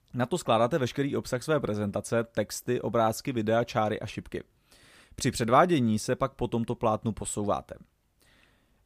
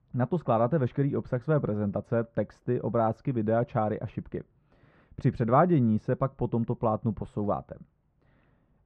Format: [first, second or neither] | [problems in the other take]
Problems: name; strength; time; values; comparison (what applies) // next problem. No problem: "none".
first | muffled; very; fading above 1.5 kHz